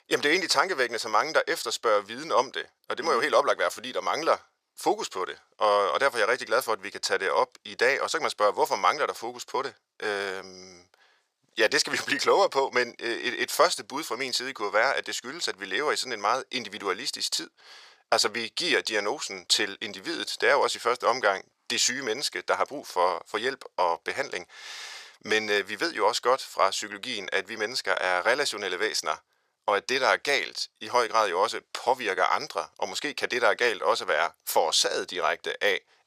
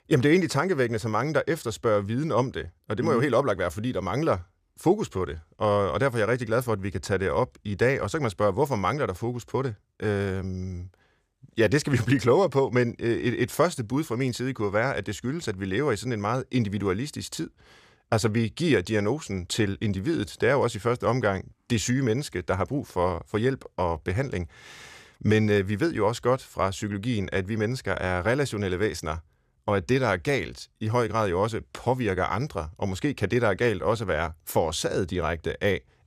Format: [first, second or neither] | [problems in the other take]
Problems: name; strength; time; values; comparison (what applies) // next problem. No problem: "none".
second | thin; very; fading below 700 Hz